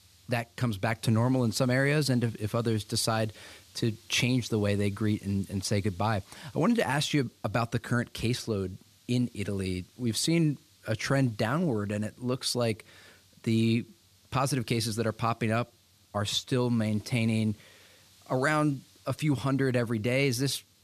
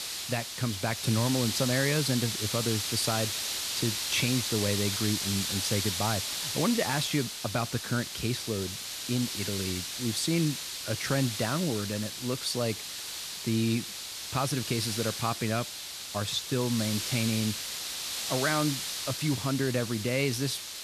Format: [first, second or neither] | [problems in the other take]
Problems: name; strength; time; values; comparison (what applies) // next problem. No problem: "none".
first | hiss; loud; throughout; 2 dB below the speech; faint in the first